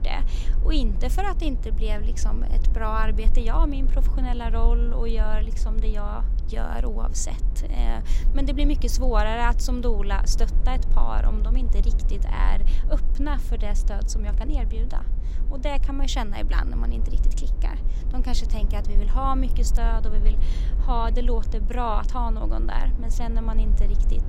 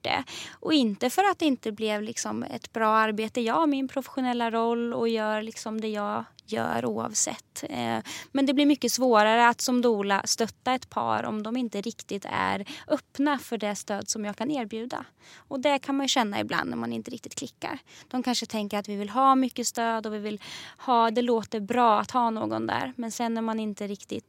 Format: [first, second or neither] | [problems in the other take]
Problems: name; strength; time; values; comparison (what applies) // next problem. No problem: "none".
second | low rumble; noticeable; throughout; 15 dB below the speech